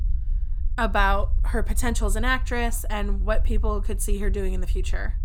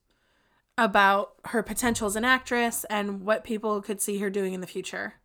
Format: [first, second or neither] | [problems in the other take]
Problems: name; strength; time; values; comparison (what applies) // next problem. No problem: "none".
second | low rumble; faint; throughout; 25 dB below the speech